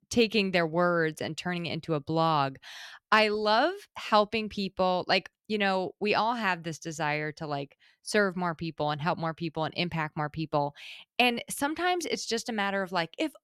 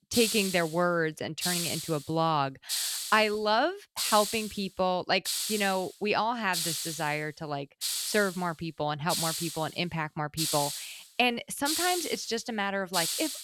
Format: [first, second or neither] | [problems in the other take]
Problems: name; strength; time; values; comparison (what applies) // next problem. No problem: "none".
first | hiss; loud; throughout; 2 dB below the speech